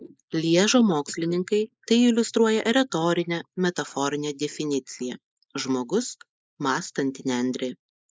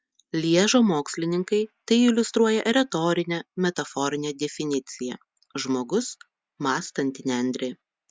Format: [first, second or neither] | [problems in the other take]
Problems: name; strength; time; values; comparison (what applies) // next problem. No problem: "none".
second | noise reduction (neural mask model Resemble Enhance denoiser)